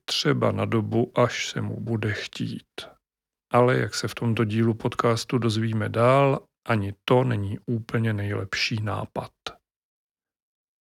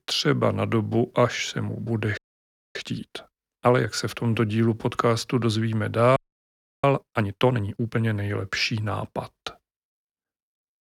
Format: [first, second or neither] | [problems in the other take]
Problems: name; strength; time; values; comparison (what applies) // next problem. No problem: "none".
first | audio freezing; at 2 s for 0.5 s and at 6 s for 0.5 s